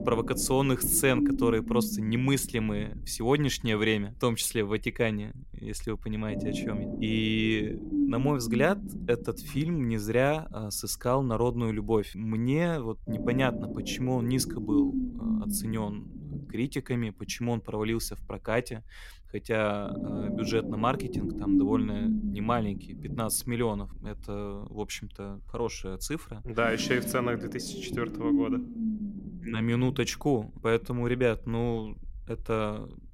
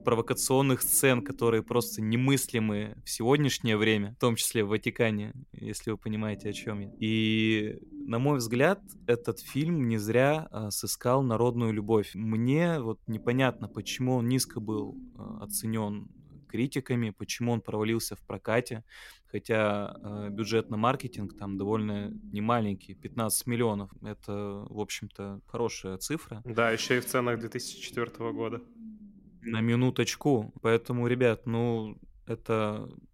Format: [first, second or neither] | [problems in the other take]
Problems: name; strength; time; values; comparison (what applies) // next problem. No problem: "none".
second | low rumble; loud; throughout; 6 dB below the speech; faint in the second